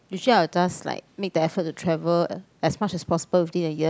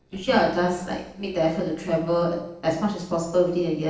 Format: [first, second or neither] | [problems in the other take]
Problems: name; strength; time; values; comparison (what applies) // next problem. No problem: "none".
first | noise reduction (neural separator model SepFormer DNS4)